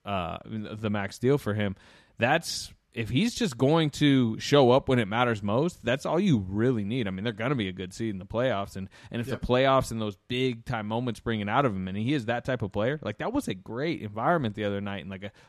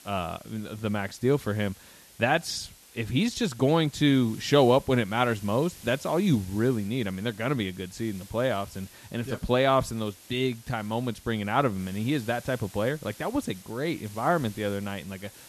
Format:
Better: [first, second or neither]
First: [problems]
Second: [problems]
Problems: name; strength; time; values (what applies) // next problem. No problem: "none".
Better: first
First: none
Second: hiss; faint; throughout; 20 dB below the speech